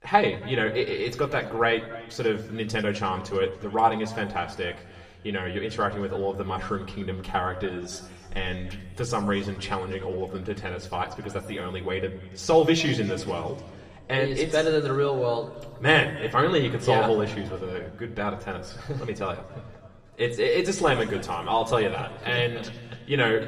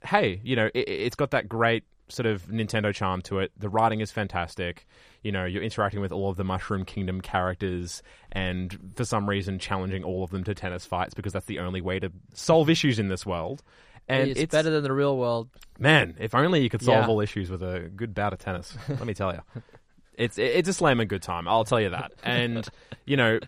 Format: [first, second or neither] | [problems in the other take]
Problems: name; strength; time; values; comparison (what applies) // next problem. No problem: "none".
second | room echo; slight; dies away in 1.5 s // off-mic speech; somewhat distant